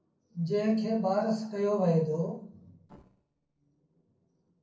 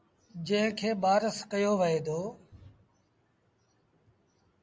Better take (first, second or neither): second